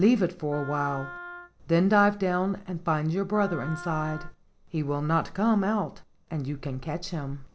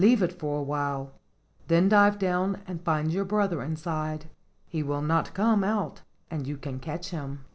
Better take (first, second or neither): second